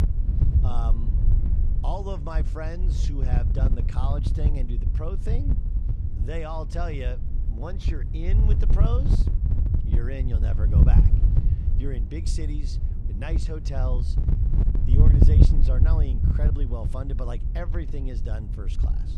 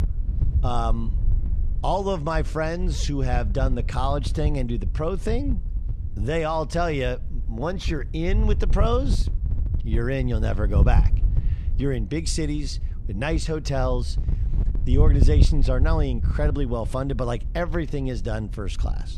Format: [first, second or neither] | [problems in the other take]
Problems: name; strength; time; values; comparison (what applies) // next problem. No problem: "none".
second | wind noise on the microphone; heavy; 2 dB below the speech; occasional gusts in the second